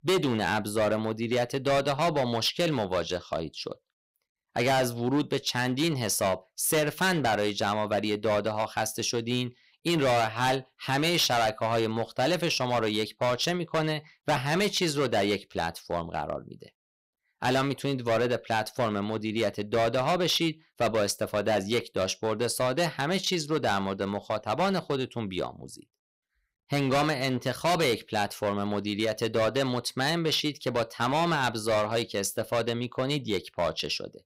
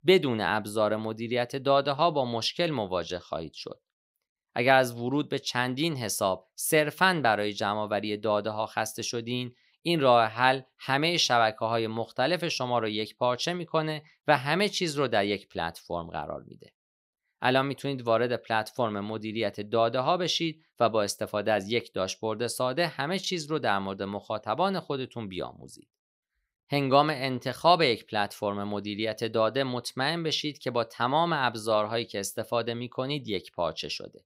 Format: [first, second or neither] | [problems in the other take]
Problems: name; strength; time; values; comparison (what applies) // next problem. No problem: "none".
second | distortion; heavy; 10% of the sound clipped